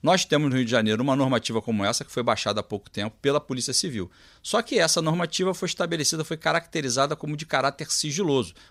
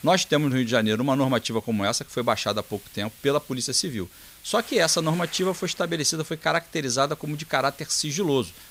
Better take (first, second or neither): first